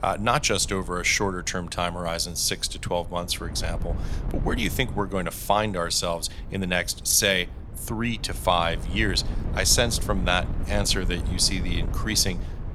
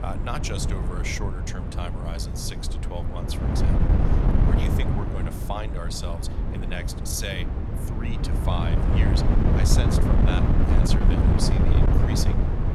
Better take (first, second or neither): first